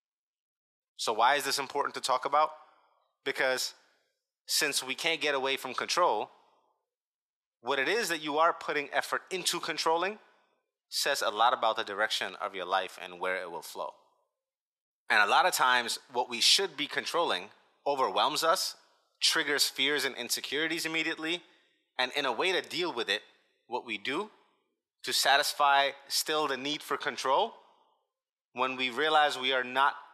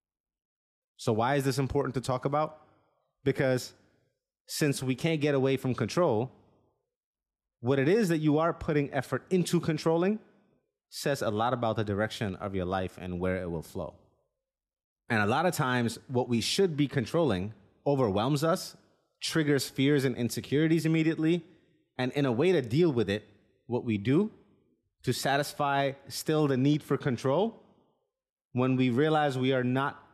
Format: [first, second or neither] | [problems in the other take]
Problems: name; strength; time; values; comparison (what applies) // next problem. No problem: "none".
second | thin; very; fading below 800 Hz